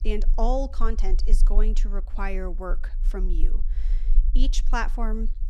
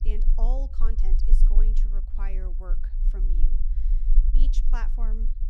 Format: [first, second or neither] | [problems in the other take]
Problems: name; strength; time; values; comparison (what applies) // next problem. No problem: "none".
first | low rumble; loud; throughout; 8 dB below the speech; faint in the first